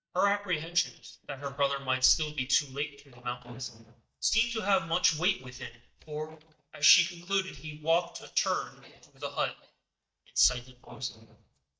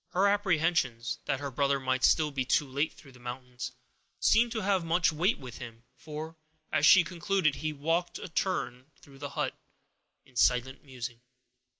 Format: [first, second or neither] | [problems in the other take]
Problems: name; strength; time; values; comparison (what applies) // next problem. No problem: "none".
second | noise reduction (neural mask model DeepFilterNet 3)